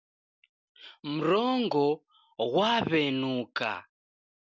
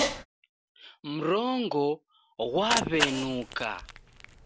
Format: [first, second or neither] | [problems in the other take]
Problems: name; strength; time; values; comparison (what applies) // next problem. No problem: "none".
first | background sound (Cat); 5 dB below the speech